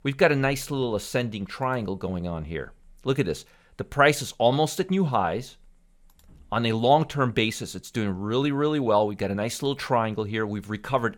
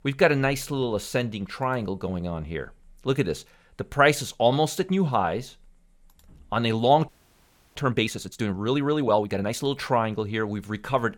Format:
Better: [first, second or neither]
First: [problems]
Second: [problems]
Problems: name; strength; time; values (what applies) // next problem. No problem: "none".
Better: first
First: none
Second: audio freezing; at 7 s for 0.5 s